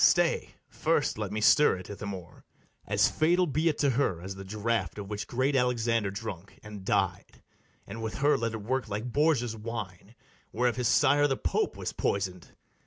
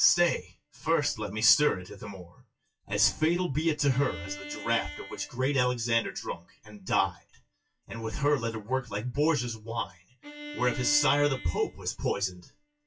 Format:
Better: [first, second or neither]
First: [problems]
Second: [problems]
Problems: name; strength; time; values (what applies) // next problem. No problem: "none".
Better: first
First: none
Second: noise reduction (classical method WPE with log-MMSE)